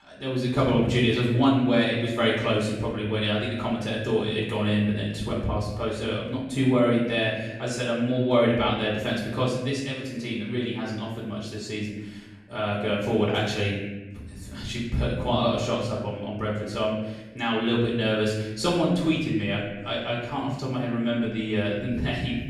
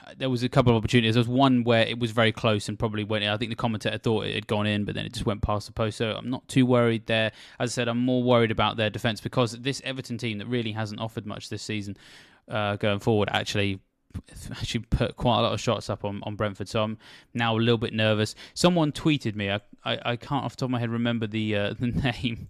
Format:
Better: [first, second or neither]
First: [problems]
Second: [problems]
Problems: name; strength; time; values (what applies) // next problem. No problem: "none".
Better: second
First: room echo; noticeable; dies away in 1 s // off-mic speech; far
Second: none